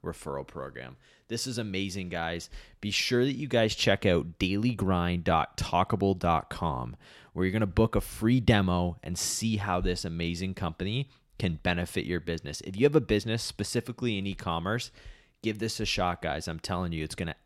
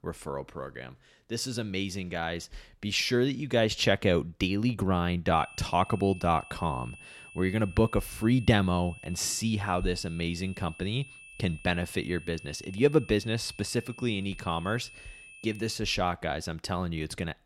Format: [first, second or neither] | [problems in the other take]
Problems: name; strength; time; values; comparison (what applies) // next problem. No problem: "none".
first | high-pitched whine; noticeable; from 5.5 to 16 s; 2.5 kHz, 20 dB below the speech